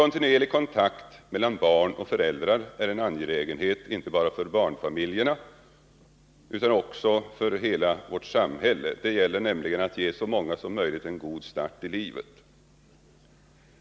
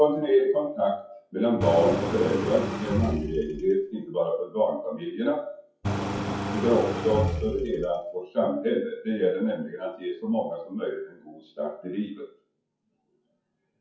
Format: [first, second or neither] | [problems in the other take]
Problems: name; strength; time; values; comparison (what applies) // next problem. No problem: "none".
first | noise reduction (classical method WPE with log-MMSE)